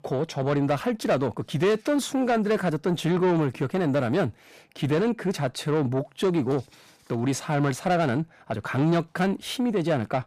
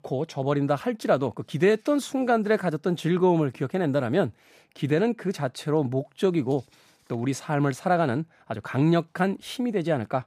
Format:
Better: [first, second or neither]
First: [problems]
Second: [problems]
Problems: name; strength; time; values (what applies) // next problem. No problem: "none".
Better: second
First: distortion; slight; 10 dB below the speech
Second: none